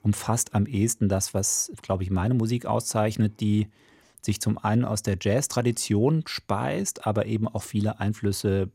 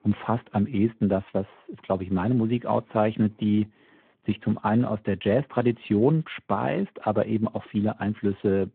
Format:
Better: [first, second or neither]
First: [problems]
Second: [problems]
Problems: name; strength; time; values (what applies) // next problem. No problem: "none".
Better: first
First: none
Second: phone-call audio